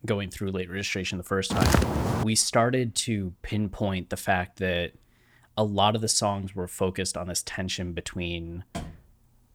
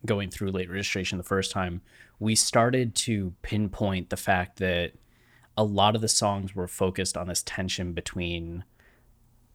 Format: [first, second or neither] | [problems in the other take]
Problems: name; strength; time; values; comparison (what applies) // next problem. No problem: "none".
second | footsteps; loud; at 1.5 s; peak 5 dB above the speech // door banging; faint; at 8.5 s; peak 10 dB below the speech